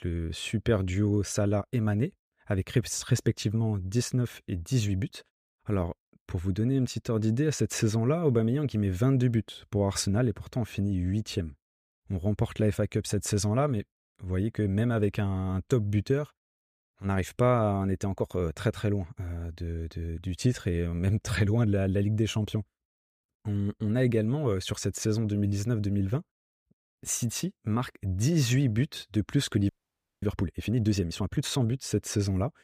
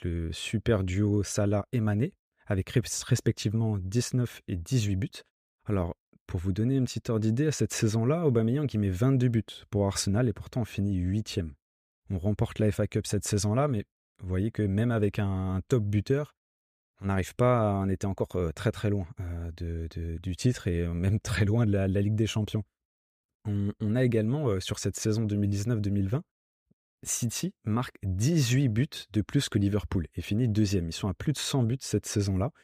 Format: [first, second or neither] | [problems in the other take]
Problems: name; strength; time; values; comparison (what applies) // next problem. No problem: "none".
second | audio freezing; at 30 s for 0.5 s